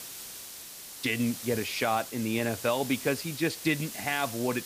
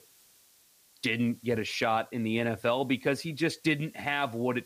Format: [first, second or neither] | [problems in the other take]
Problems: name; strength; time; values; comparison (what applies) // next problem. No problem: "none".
second | hiss; loud; throughout; 9 dB below the speech; faint in the second